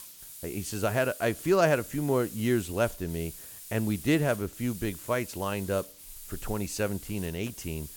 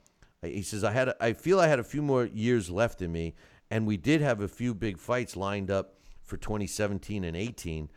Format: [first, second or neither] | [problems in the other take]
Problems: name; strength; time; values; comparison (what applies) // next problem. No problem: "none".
second | hiss; noticeable; throughout; 15 dB below the speech